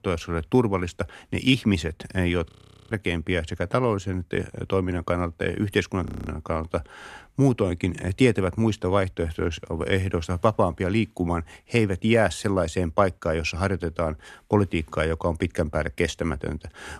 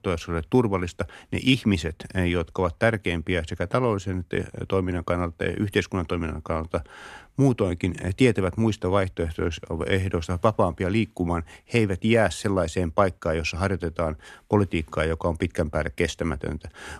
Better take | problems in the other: second | audio freezing; at 2.5 s and at 6 s

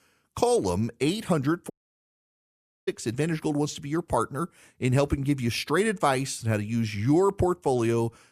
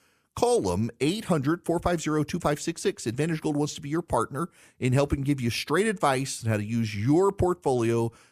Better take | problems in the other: second | audio cutting out; at 1.5 s for 1 s

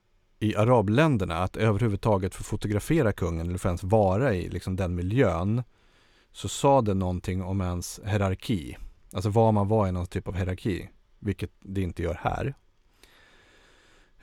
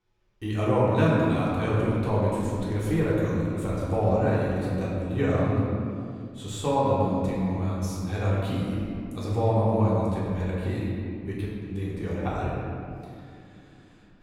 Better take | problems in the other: first | room echo; strong; dies away in 2.3 s // off-mic speech; far

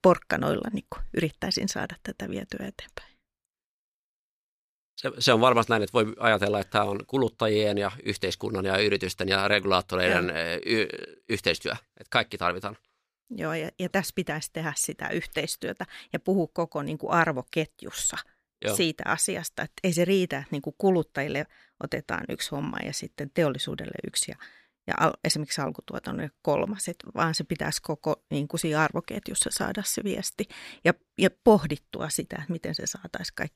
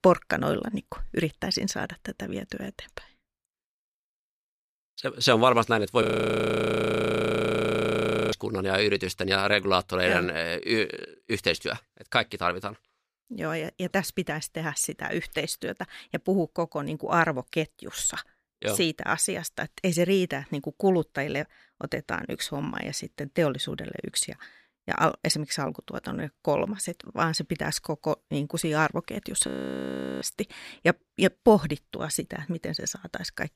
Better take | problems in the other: first | audio freezing; at 6 s for 2.5 s and at 29 s for 1 s

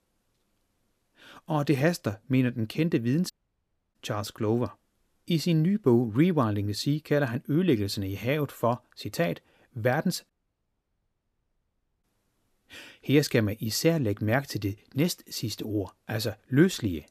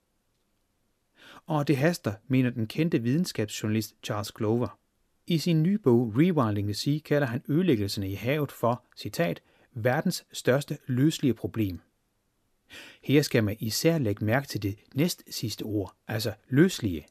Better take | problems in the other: second | audio cutting out; at 3.5 s for 0.5 s and at 10 s for 1.5 s

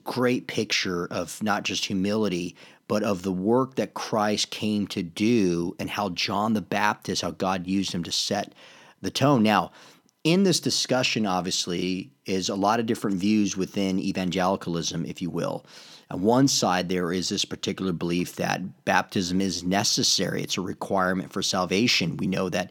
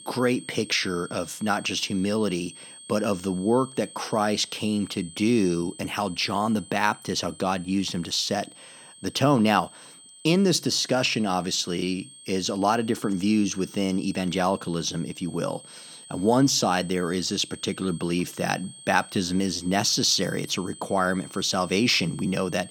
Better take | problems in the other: first | high-pitched whine; noticeable; throughout; 8 kHz, 20 dB below the speech

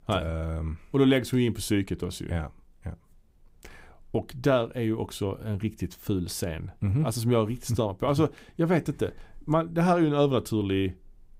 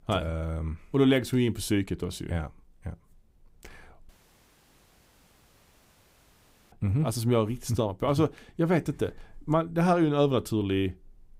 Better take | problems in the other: first | audio cutting out; at 4 s for 2.5 s

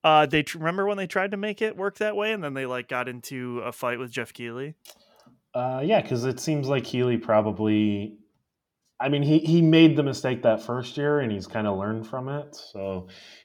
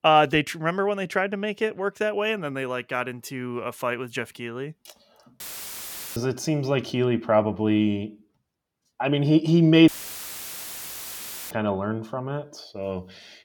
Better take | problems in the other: first | audio cutting out; filled with static; at 5.5 s for 1 s and at 10 s for 1.5 s

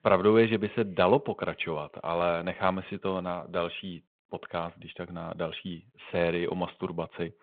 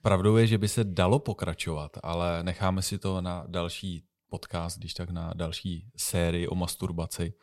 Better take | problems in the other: second | phone-call audio; nothing above 3.5 kHz

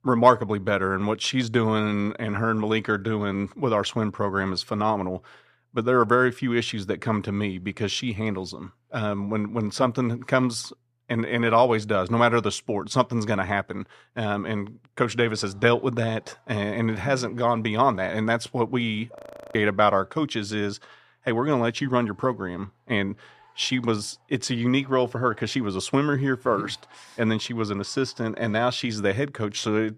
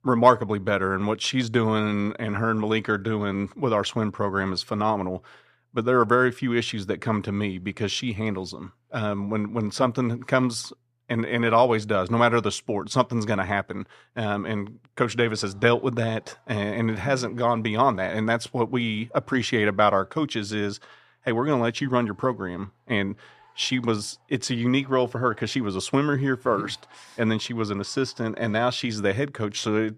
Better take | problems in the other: second | audio freezing; at 19 s

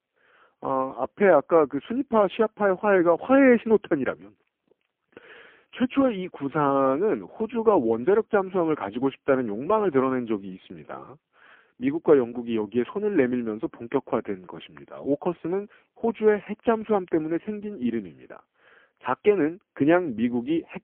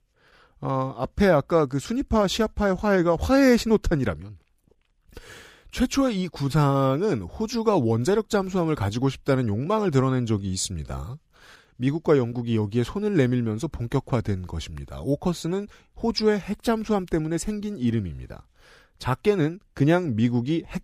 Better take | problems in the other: second | phone-call audio; poor line; nothing above 3.5 kHz

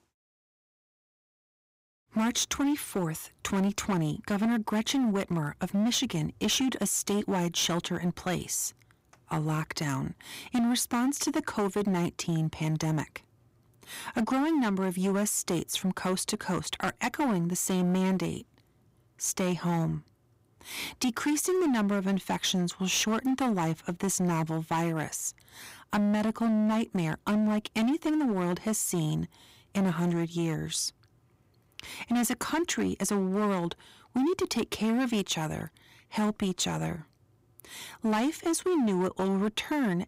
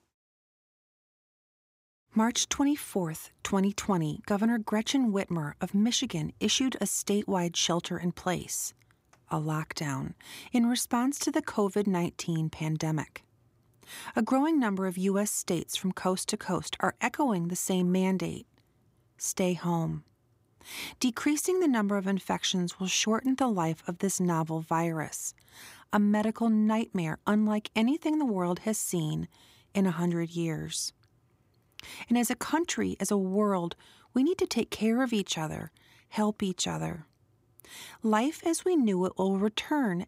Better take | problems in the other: second | distortion; slight; 13% of the sound clipped

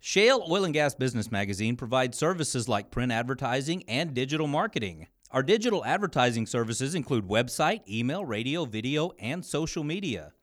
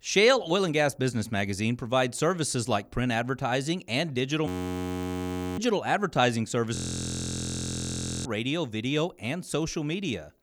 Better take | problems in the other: first | audio freezing; at 4.5 s for 1 s and at 7 s for 1.5 s

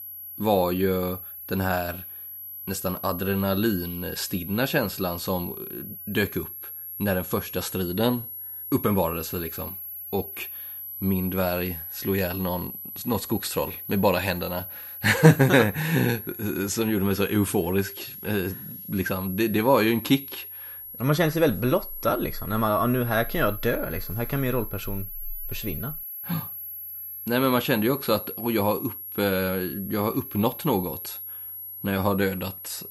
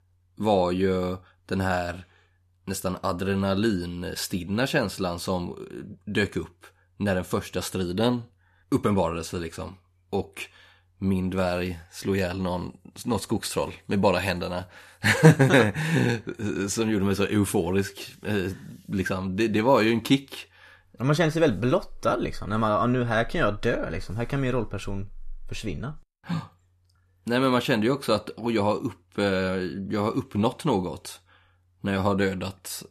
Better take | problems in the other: second | high-pitched whine; loud; throughout; 11.5 kHz, 9 dB below the speech

